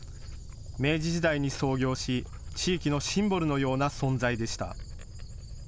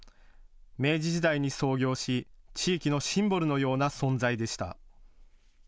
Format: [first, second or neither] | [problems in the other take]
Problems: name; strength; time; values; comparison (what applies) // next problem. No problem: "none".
second | background sound (Dog); 11 dB below the speech